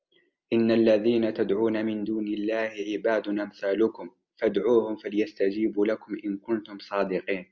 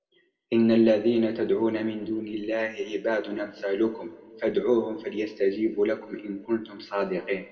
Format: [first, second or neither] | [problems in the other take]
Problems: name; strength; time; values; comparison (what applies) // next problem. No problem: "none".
first | room echo; dies away in 1.2 s